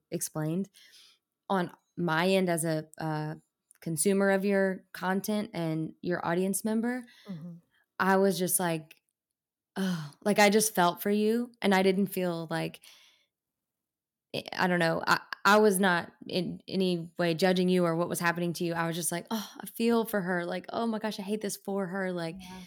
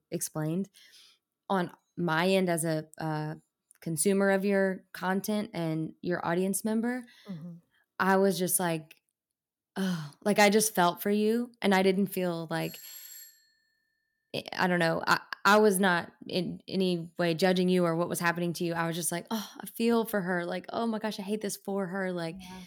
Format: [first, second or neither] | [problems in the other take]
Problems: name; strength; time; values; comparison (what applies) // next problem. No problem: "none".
first | doorbell; faint; at 13 s; peak 15 dB below the speech